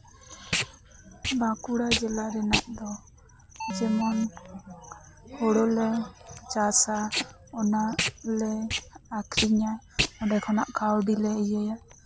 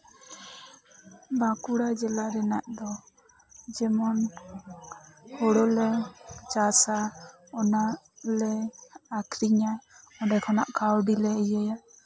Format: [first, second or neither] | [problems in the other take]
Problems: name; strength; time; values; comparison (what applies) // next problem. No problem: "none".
second | background sound (Packing tape, duct tape + Alarm); 7 dB below the speech